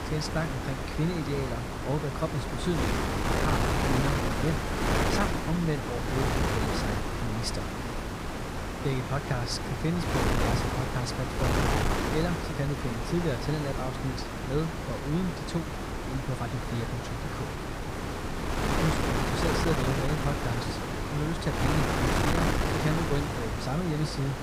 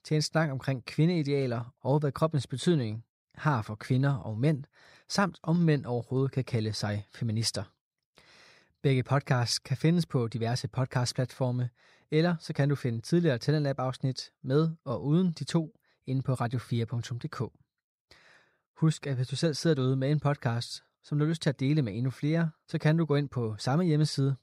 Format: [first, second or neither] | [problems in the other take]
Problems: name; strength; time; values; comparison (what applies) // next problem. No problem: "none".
second | wind noise on the microphone; heavy; 5 dB above the speech